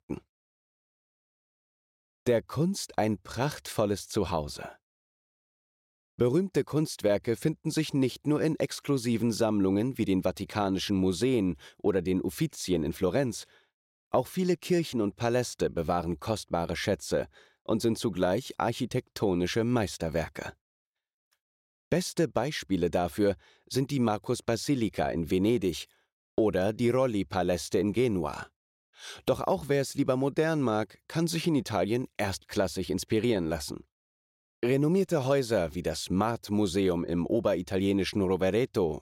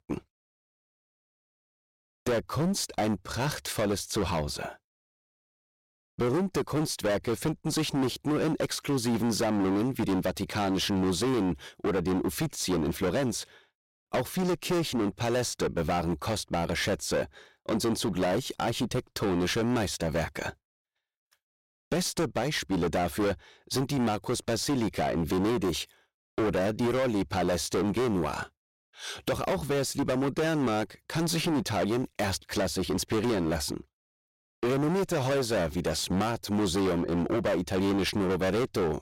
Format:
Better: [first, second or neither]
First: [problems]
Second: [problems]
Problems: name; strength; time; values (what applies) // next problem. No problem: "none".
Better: first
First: none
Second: distortion; heavy; 21% of the sound clipped